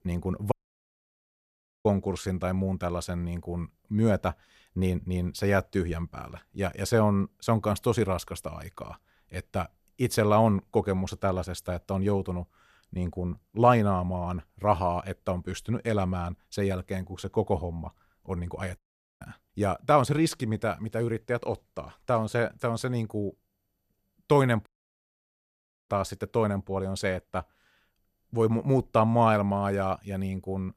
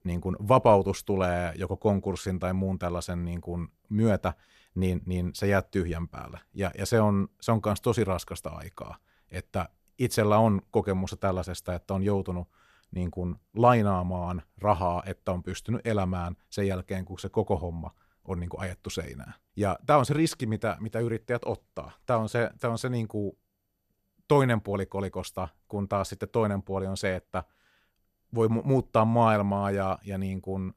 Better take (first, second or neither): second